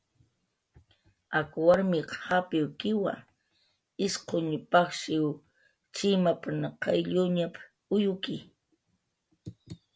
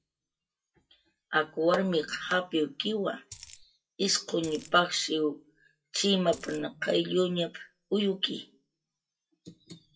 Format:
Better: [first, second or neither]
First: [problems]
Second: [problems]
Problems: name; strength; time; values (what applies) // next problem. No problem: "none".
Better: first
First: none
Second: noise reduction (classical method WPE with log-MMSE)